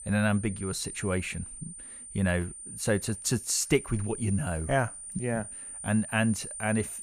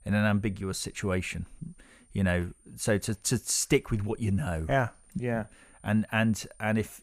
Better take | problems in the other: second | high-pitched whine; loud; throughout; 9 kHz, 10 dB below the speech; faint in the second

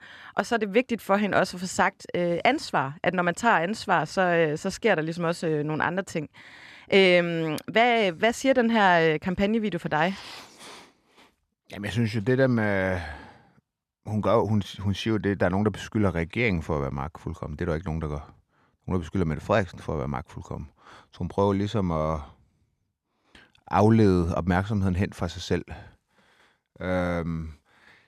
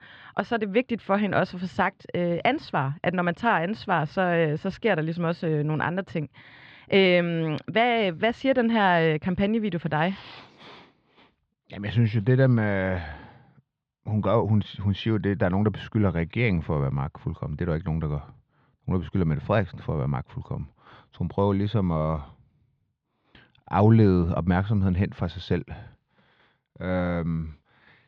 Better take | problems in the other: first | muffled; slightly; fading above 3.5 kHz

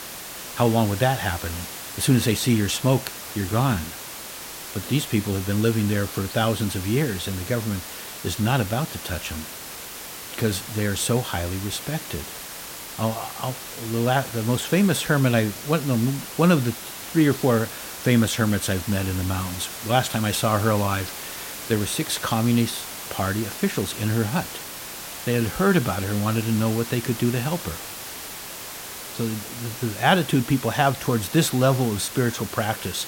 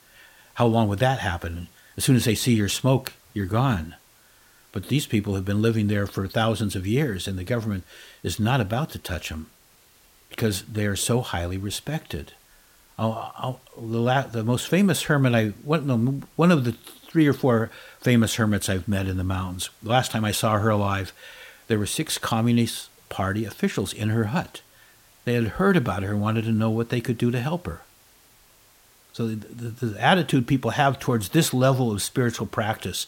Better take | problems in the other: second | hiss; loud; throughout; 10 dB below the speech; faint in the second

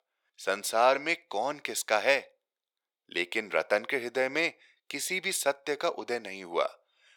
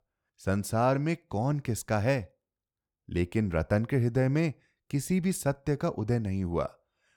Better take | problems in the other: second | thin; very; fading below 450 Hz

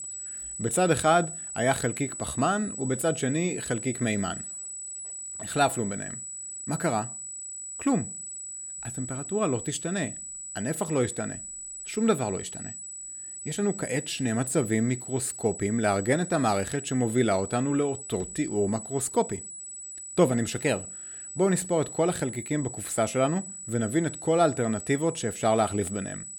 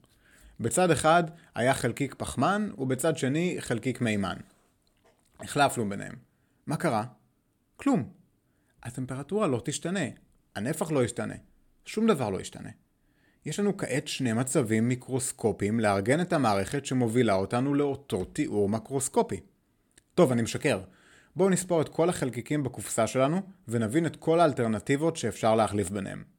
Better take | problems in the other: second | high-pitched whine; loud; throughout; 8 kHz, 8 dB below the speech

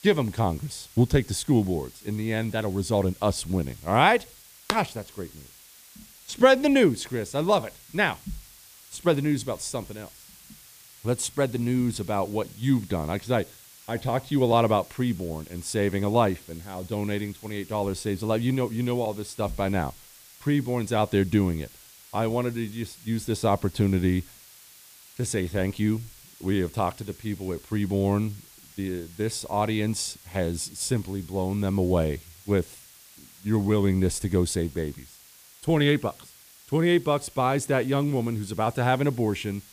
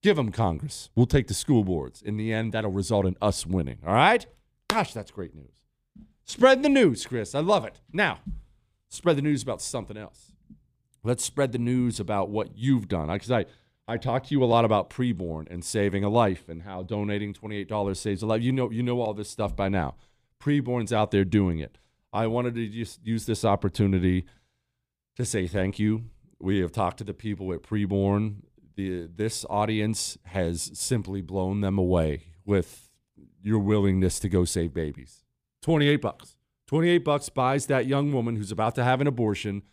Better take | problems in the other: second | hiss; faint; throughout; 20 dB below the speech

